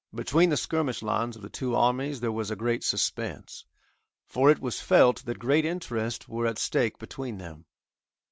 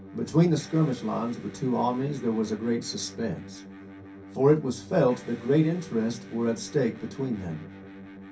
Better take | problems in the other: first | background sound (Electric guitar); 16 dB below the speech // room echo; dies away in 0.3 s

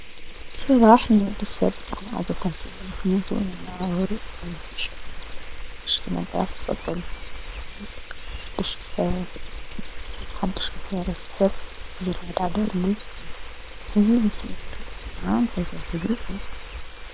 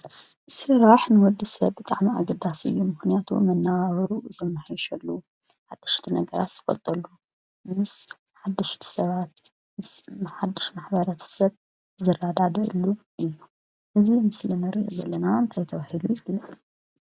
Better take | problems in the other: second | noise reduction (neural separator model SepFormer WHAM!)

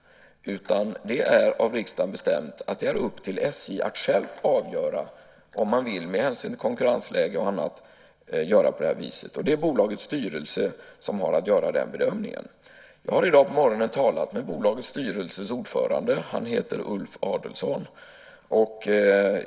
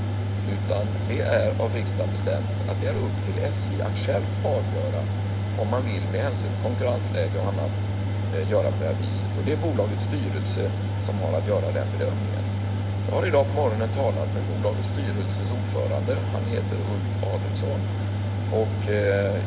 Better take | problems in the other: first | background sound (Mechanical fan); 3 dB above the speech

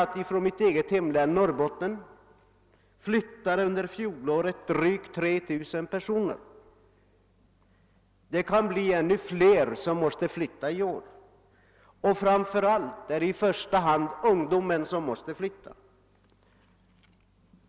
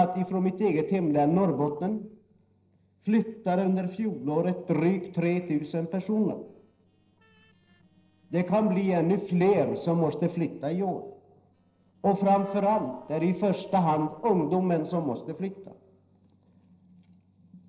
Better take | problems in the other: first | noise reduction (neural separator model SepFormer DNS4)

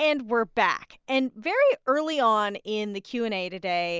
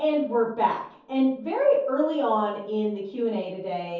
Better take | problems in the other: first | room echo; dies away in 0.6 s

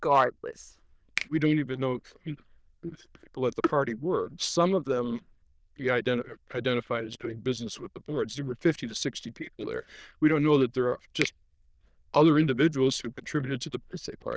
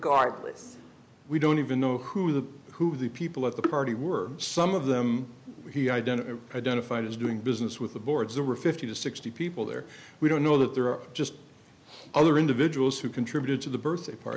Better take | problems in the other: second | noise reduction (neural diffusion model UNIVERSE++)

